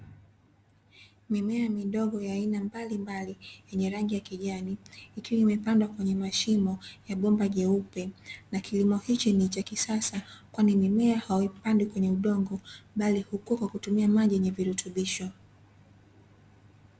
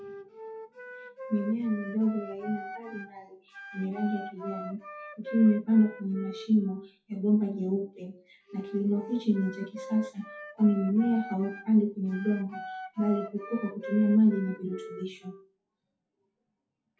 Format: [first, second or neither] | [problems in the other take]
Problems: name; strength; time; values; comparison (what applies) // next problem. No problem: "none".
first | noise reduction (classical method WPE with log-MMSE)